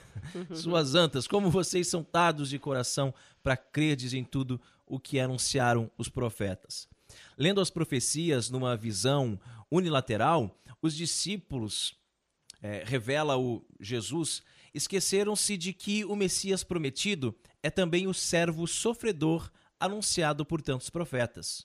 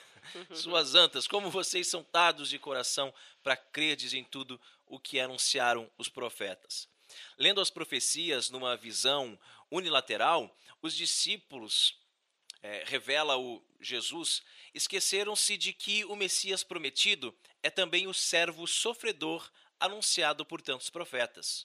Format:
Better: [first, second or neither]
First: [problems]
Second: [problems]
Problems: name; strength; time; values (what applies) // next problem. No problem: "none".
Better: first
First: none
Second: thin; very; fading below 500 Hz